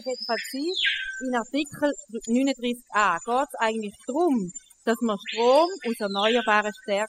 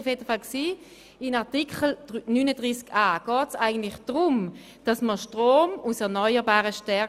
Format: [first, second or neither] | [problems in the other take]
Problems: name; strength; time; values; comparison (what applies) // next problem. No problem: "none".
second | noise reduction (classical method spectral subtraction)